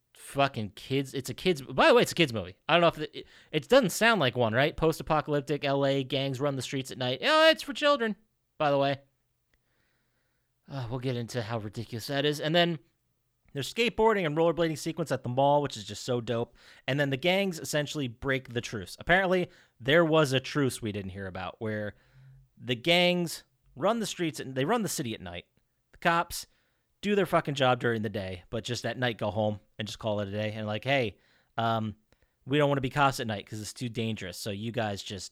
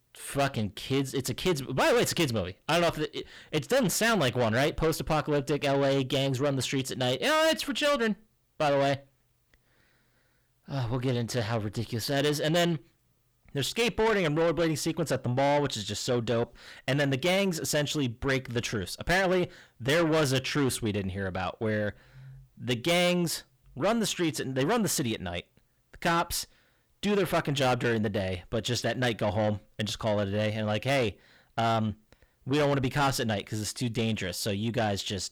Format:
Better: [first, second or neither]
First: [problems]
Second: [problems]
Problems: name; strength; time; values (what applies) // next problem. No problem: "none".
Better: first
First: none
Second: distortion; heavy; 7 dB below the speech